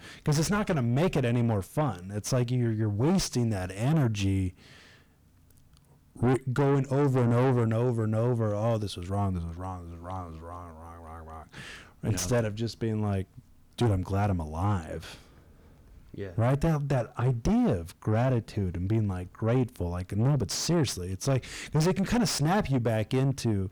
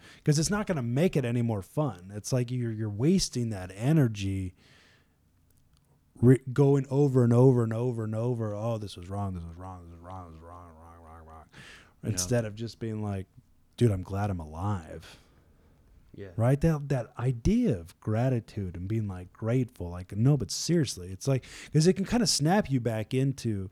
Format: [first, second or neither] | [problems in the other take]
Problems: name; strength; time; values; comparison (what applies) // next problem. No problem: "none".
second | distortion; heavy; 5 dB below the speech